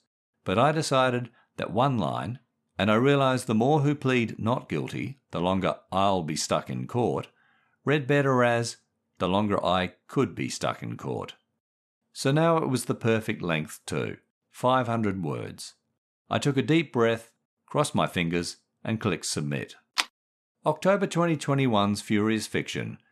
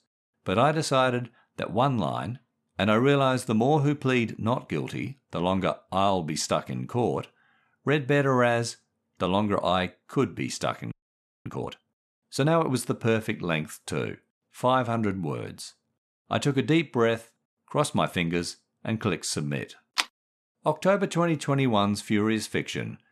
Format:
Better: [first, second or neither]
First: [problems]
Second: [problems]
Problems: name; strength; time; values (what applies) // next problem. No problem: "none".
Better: first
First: none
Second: audio freezing; at 11 s for 0.5 s